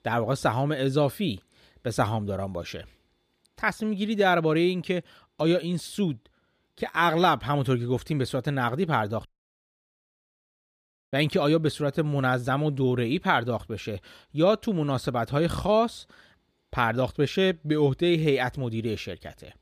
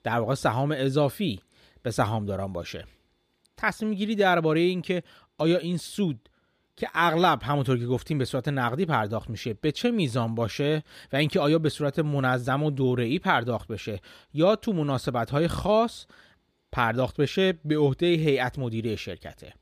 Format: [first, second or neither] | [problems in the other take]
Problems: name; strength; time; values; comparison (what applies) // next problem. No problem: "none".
second | audio cutting out; at 9.5 s for 2 s